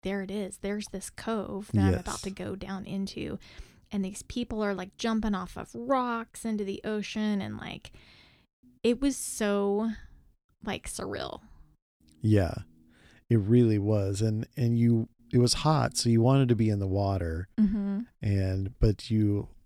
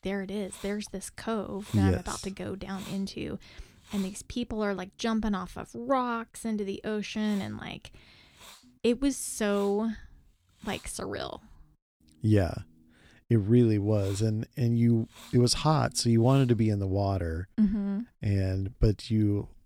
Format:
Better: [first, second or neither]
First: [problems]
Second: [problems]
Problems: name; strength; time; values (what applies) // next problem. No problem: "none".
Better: first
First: none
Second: hiss; faint; until 4 s, from 6.5 to 12 s and from 14 to 17 s; 20 dB below the speech